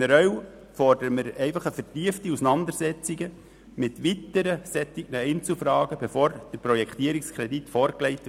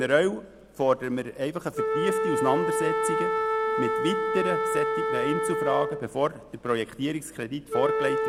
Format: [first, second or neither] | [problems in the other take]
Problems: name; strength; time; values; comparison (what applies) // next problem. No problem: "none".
first | background sound (Wind instrument, woodwind instrument); as loud as the speech